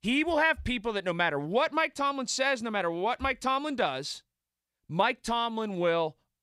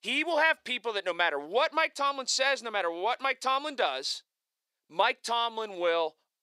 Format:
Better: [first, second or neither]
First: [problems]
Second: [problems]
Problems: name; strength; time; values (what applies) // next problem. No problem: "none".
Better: first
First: none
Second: thin; somewhat; fading below 400 Hz